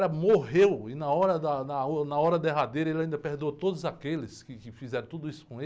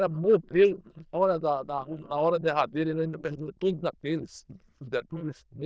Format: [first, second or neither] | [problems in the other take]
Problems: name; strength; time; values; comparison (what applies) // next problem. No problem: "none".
first | noise reduction (neural diffusion model UNIVERSE++)